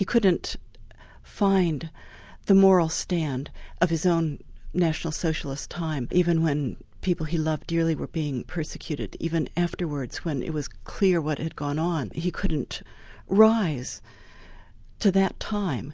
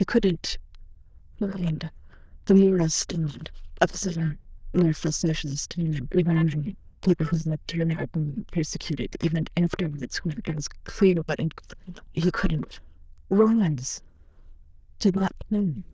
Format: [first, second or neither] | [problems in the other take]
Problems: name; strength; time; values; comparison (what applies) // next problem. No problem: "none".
first | noise reduction (neural diffusion model UNIVERSE++)